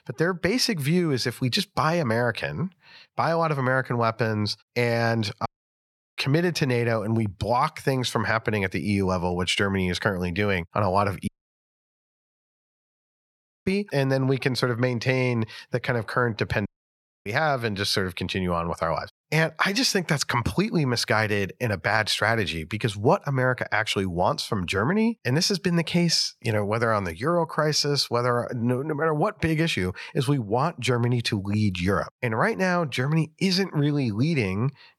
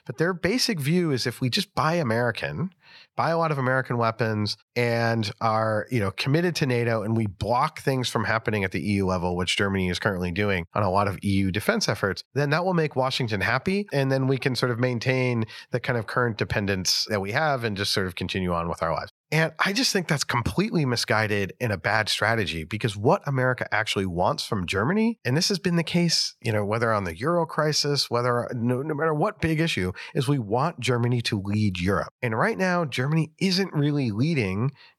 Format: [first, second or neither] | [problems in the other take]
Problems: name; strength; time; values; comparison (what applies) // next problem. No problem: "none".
second | audio cutting out; at 5.5 s for 0.5 s, at 11 s for 2.5 s and at 17 s for 0.5 s